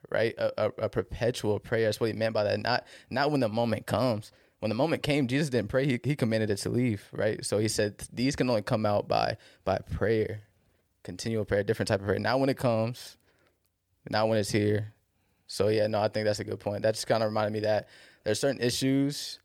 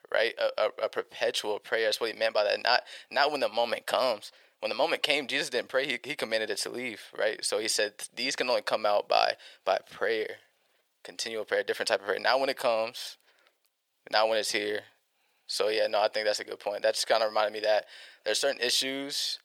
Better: first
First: none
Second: thin; very; fading below 650 Hz

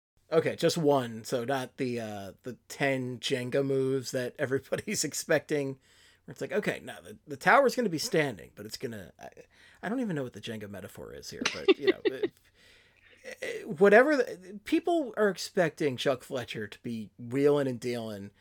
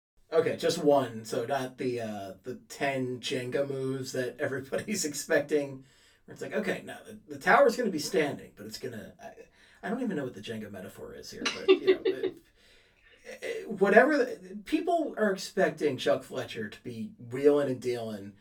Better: first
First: none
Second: off-mic speech; far // room echo; very slight; dies away in 0.2 s

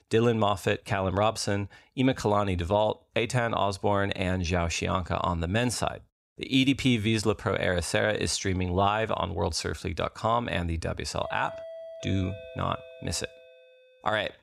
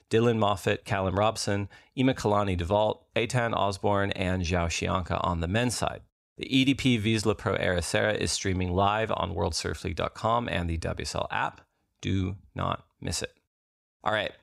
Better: second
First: doorbell; faint; from 11 to 14 s; peak 10 dB below the speech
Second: none

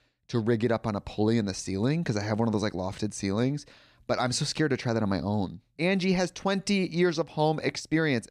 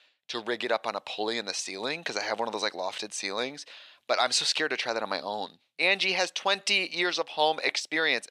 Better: first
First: none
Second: thin; very; fading below 700 Hz

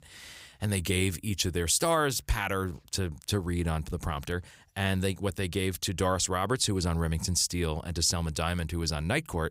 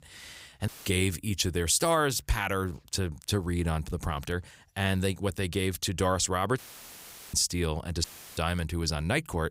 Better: first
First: none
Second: audio cutting out; filled with static; at 0.5 s, at 6.5 s for 1 s and at 8 s

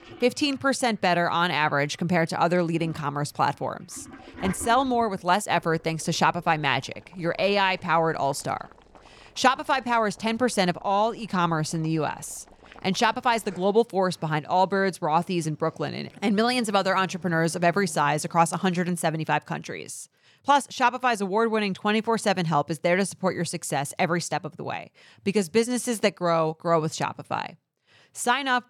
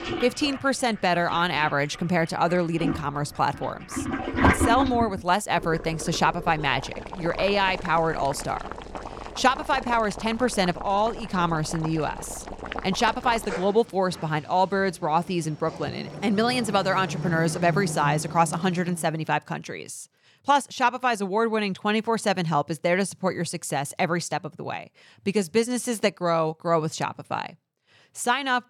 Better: first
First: household noises; faint; until 19 s; 25 dB below the speech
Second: household noises; loud; until 19 s; 8 dB below the speech

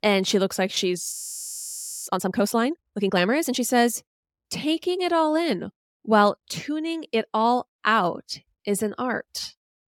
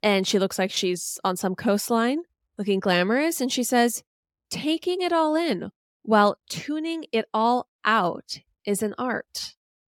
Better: second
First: audio freezing; at 1 s for 1 s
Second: none

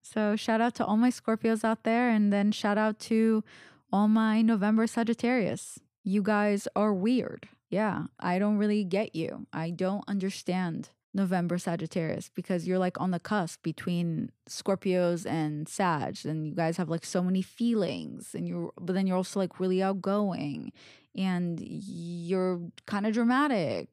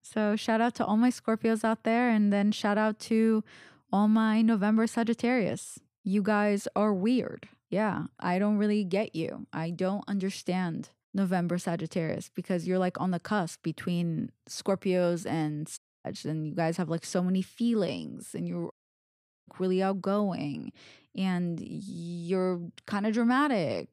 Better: first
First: none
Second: audio cutting out; at 16 s and at 19 s for 1 s

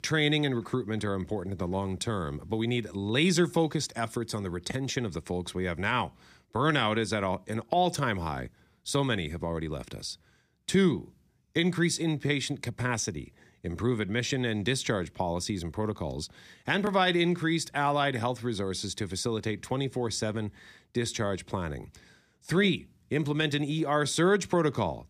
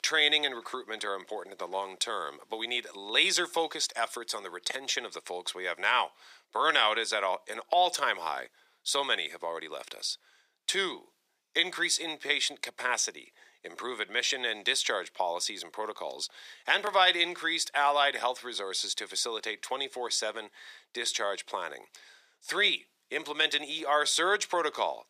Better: first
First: none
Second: thin; very; fading below 550 Hz

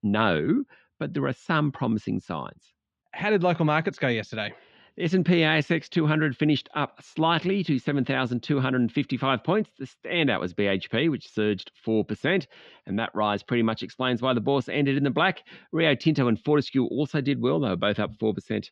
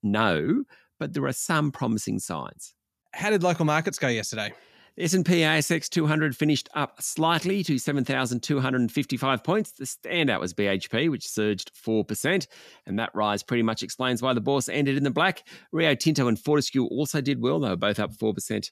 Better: second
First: muffled; slightly; fading above 3.5 kHz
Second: none

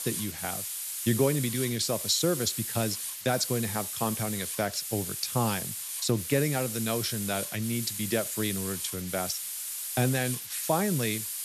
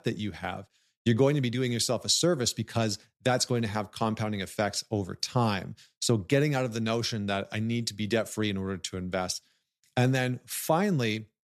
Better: second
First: hiss; loud; throughout; 3 dB below the speech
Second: none

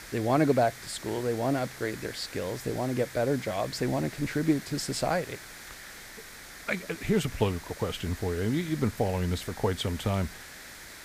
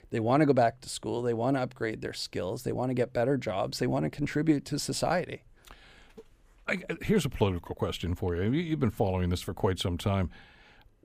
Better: second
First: hiss; noticeable; throughout; 15 dB below the speech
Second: none

